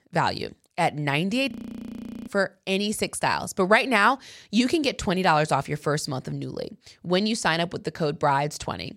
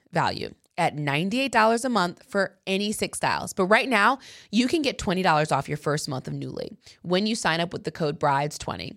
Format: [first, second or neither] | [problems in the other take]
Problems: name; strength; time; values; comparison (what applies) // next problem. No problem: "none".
second | audio freezing; at 1.5 s for 1 s